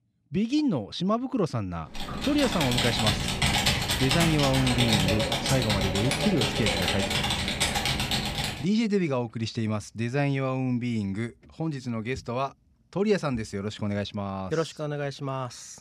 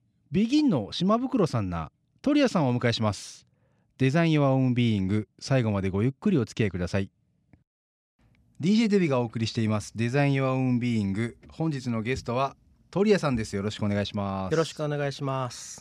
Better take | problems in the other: second | keyboard typing; loud; from 2 to 8.5 s; peak 6 dB above the speech

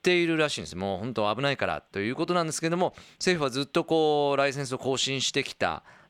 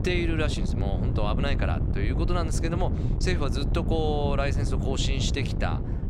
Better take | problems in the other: first | wind noise on the microphone; heavy; 7 dB below the speech

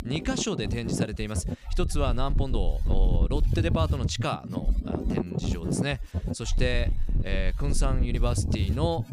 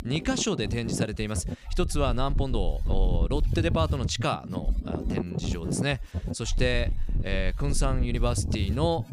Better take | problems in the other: second | wind noise on the microphone; heavy; 7 dB below the speech; occasional gusts in the second

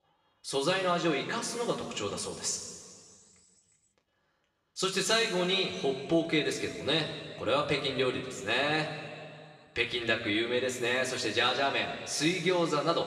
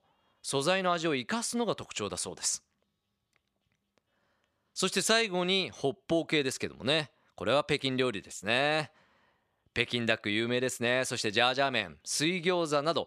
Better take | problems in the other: second | room echo; noticeable; dies away in 2.1 s // off-mic speech; somewhat distant

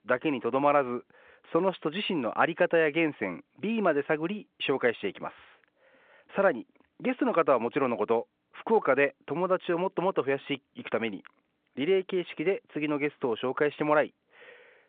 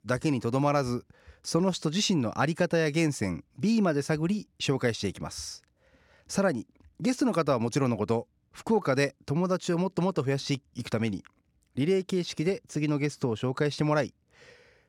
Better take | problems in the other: second | phone-call audio

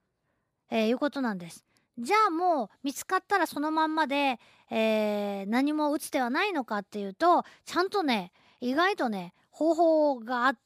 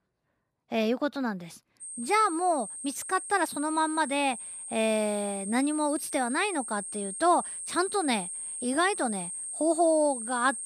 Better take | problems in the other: first | high-pitched whine; loud; from 2 s on; 8.5 kHz, 7 dB below the speech

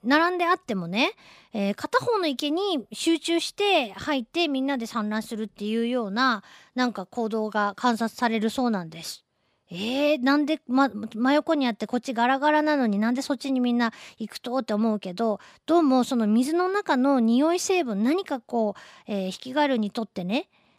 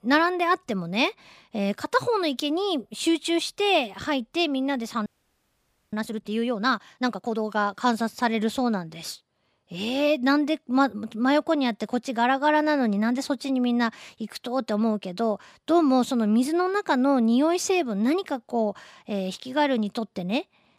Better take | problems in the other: first | audio freezing; at 5 s for 1 s

